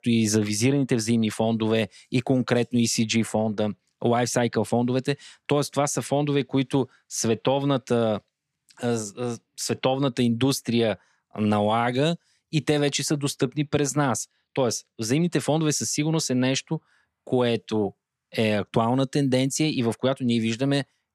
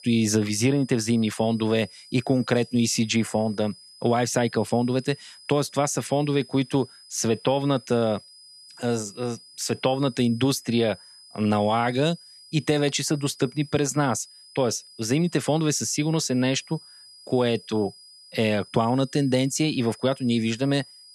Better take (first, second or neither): first